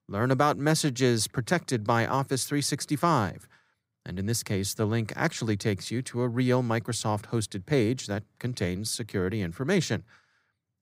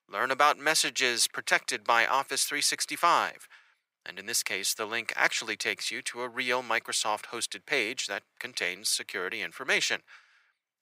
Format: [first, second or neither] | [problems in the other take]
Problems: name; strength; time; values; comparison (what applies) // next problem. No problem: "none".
first | thin; very; fading below 750 Hz